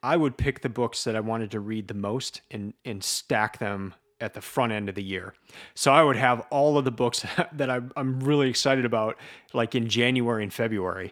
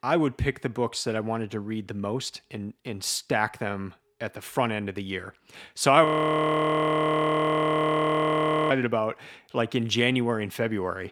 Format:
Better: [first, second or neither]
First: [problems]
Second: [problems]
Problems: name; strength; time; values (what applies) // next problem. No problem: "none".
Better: first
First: none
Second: audio freezing; at 6 s for 2.5 s